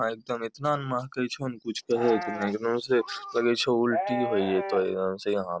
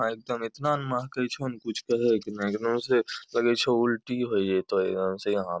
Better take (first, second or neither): second